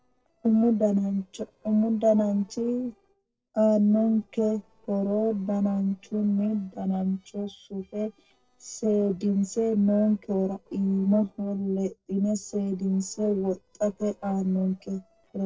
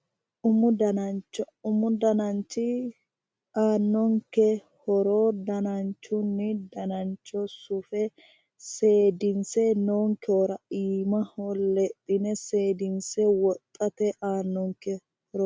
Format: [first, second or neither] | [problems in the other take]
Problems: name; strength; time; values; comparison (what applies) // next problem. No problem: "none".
second | noise reduction (neural separator model SepFormer DNS4)